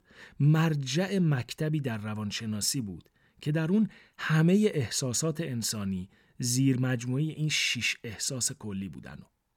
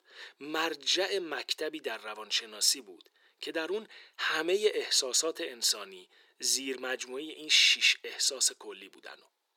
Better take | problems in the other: first | thin; very; fading below 350 Hz

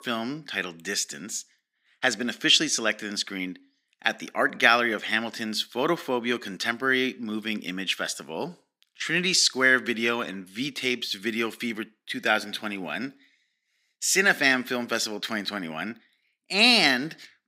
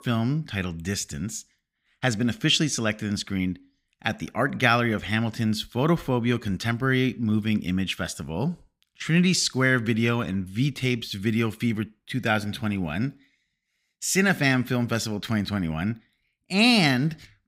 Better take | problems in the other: second | thin; somewhat; fading below 300 Hz

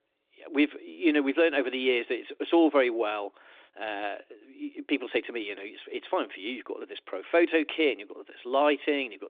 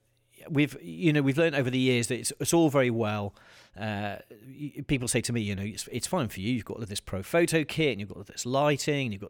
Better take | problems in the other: second | phone-call audio

